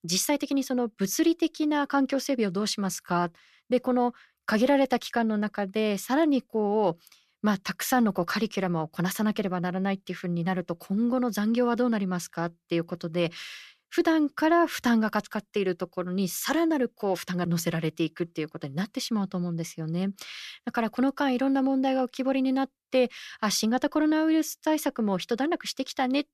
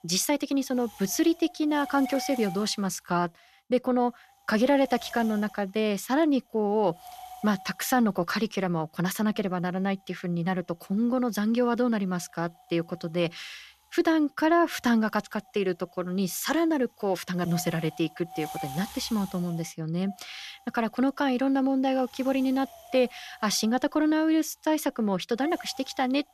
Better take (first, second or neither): first